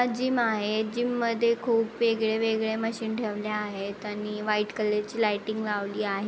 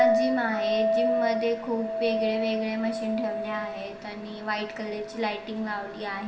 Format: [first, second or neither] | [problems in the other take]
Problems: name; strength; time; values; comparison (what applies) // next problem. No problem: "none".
first | background sound (Chink, clink); 1 dB above the speech // room echo; dies away in 0.8 s